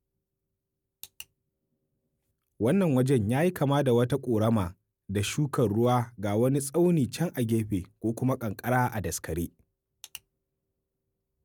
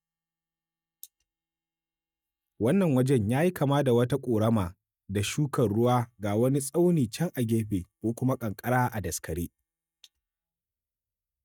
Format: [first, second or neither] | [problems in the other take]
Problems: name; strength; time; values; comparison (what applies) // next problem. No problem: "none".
first | noise reduction (neural mask model DeepFilterNet 3)